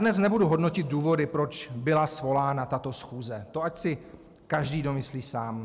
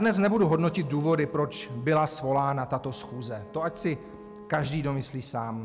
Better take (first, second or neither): first